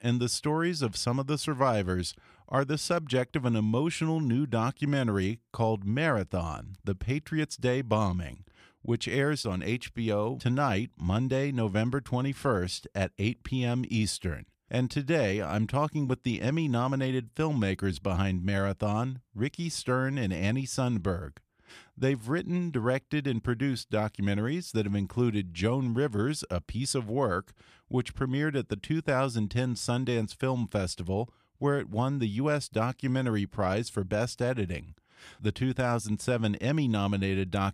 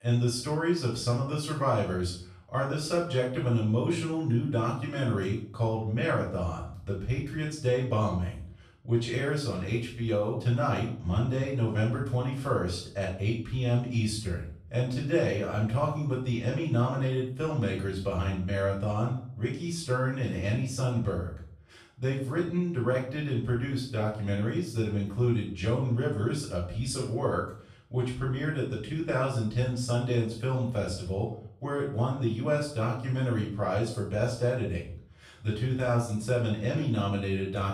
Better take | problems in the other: first | off-mic speech; far // room echo; noticeable; dies away in 0.5 s

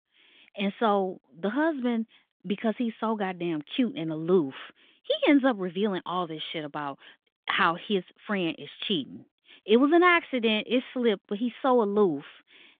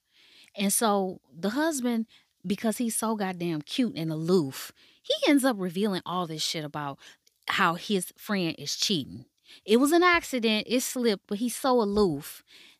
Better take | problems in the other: second | phone-call audio; nothing above 3.5 kHz

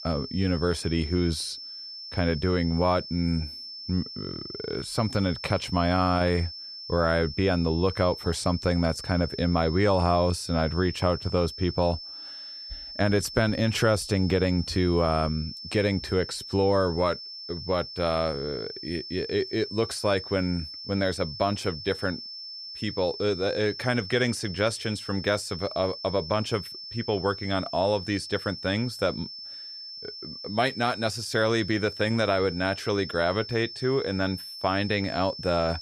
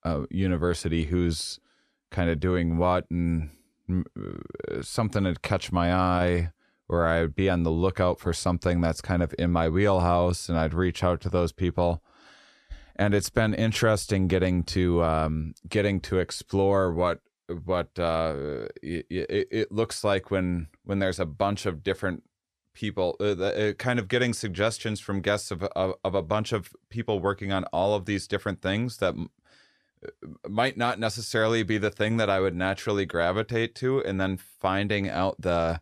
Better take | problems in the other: second | high-pitched whine; noticeable; throughout; 5.5 kHz, 10 dB below the speech

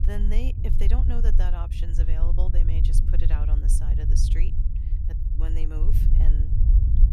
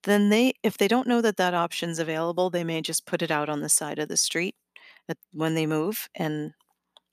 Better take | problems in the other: second | low rumble; loud; throughout; 2 dB below the speech

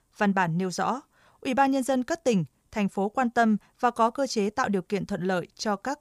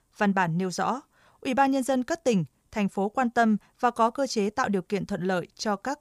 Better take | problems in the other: neither | none

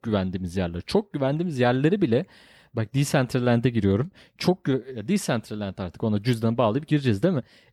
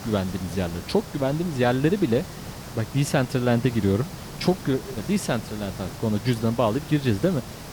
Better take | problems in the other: first | hiss; noticeable; throughout; 10 dB below the speech

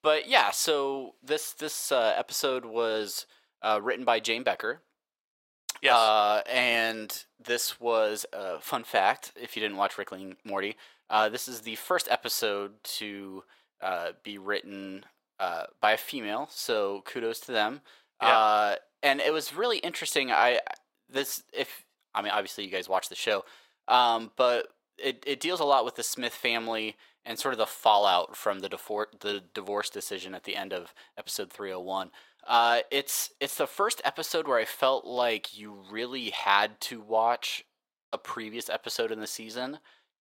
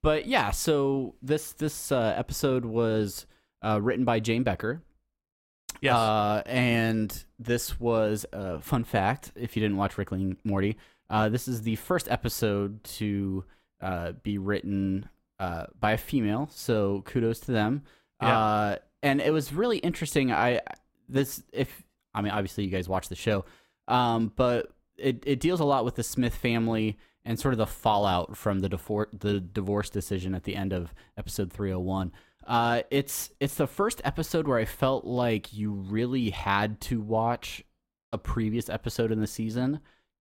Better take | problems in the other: second | thin; very; fading below 650 Hz

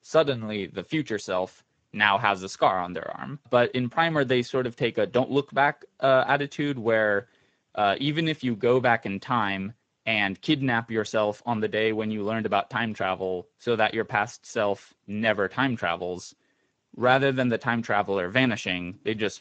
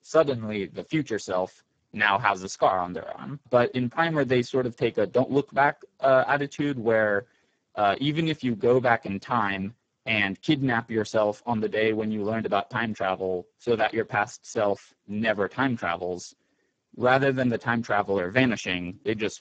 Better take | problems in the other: first | garbled, watery; badly; nothing above 7.5 kHz; slightly in the first

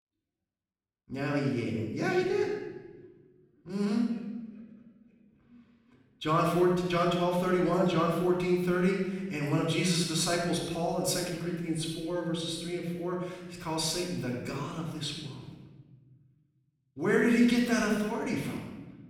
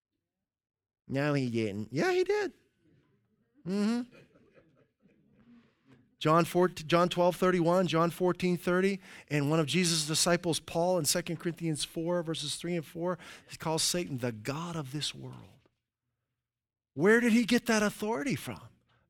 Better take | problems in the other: second | off-mic speech; far // room echo; noticeable; dies away in 1.1 s

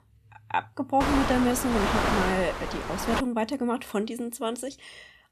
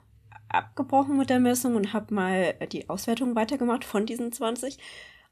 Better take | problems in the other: second | wind noise on the microphone; faint; from 1 to 3 s; 1 dB above the speech

